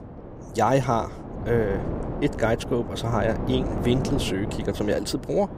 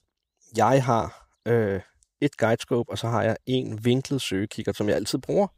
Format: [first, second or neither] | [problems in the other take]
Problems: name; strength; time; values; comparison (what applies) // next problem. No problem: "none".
second | wind noise on the microphone; heavy; 9 dB below the speech